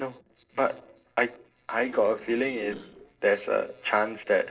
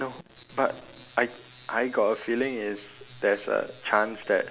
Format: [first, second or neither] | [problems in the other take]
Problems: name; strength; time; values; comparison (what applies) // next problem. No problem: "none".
second | noise reduction (neural separator model SepFormer DNS4)